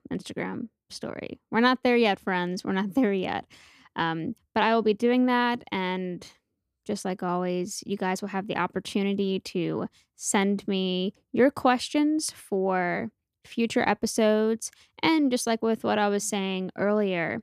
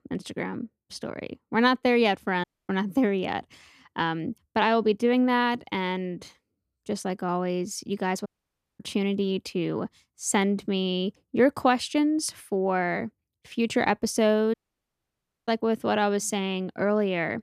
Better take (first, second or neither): first